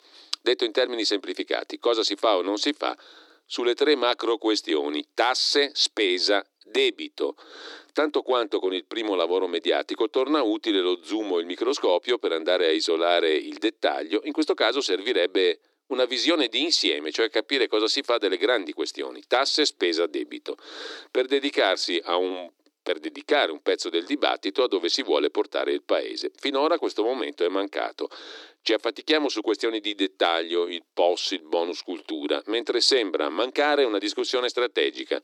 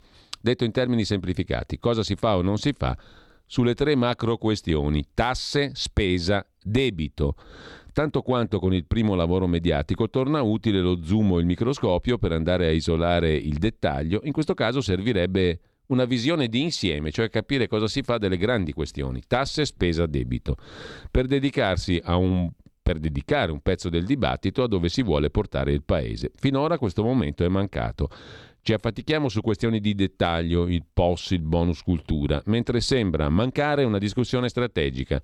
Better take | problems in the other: second | thin; somewhat; fading below 300 Hz

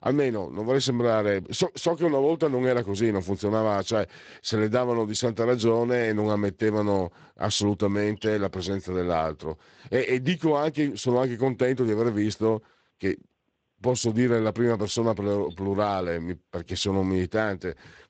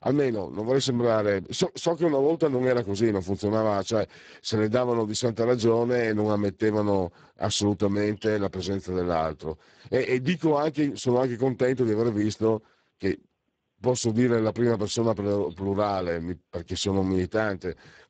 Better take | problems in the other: first | garbled, watery; badly; nothing above 8 kHz; slightly in the first

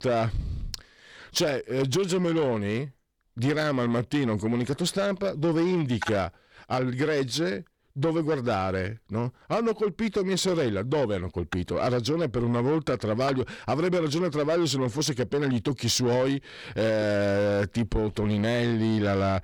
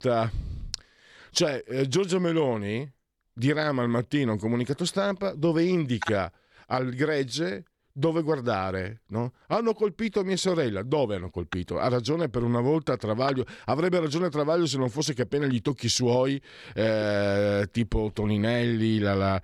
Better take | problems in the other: second | distortion; slight; 10 dB below the speech

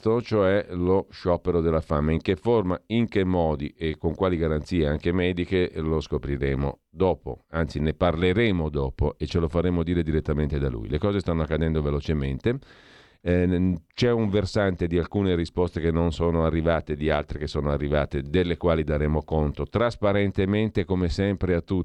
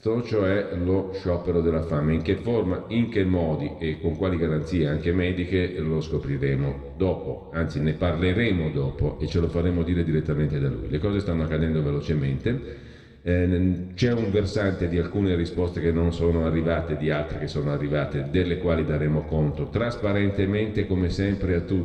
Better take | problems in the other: first | room echo; slight; dies away in 1.5 s

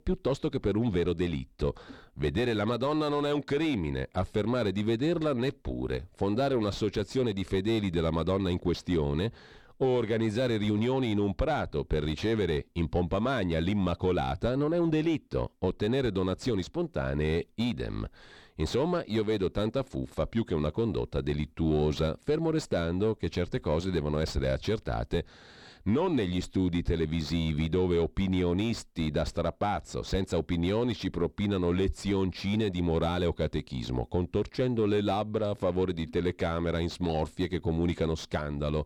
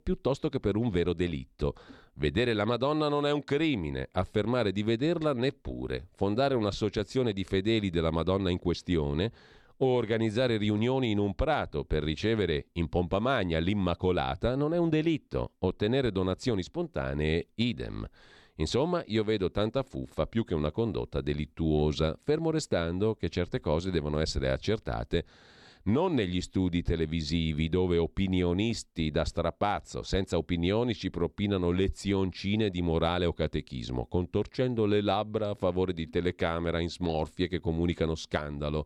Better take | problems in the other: second | distortion; slight; 10 dB below the speech

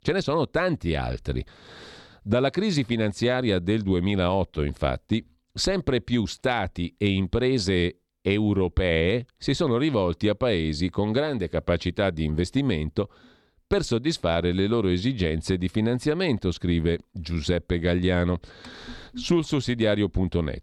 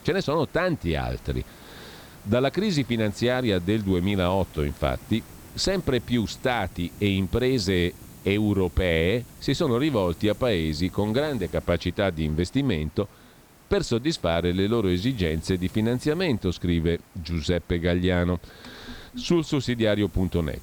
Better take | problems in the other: first | hiss; faint; throughout; 20 dB below the speech

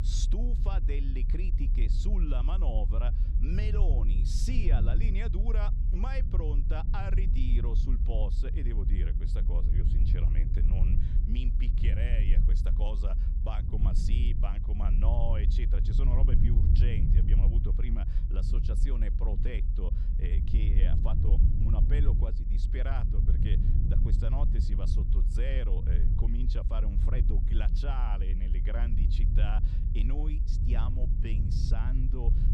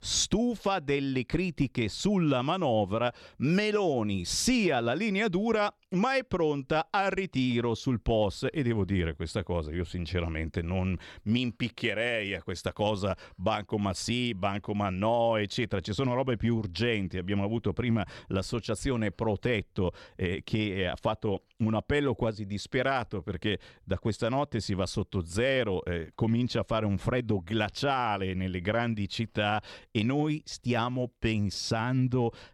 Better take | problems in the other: second | low rumble; loud; throughout; 4 dB below the speech

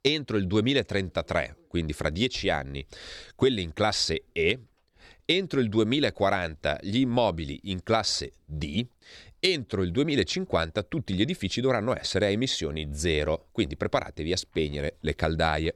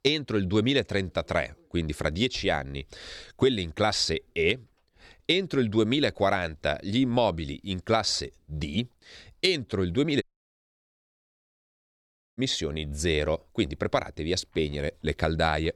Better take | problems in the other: first | audio cutting out; at 10 s for 2 s

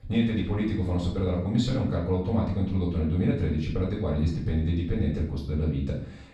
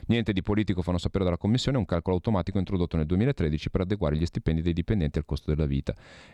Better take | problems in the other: second | off-mic speech; far // room echo; noticeable; dies away in 0.5 s

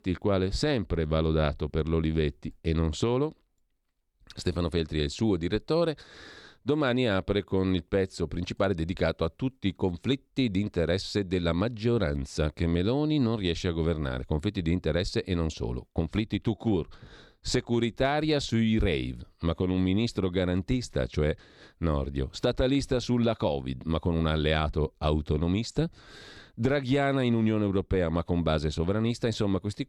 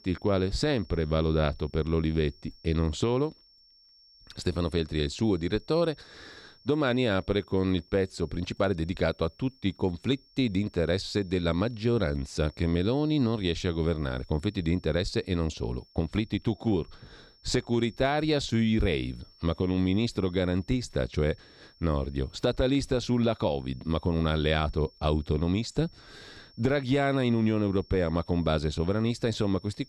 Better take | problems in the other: first | high-pitched whine; faint; throughout; 5.5 kHz, 30 dB below the speech

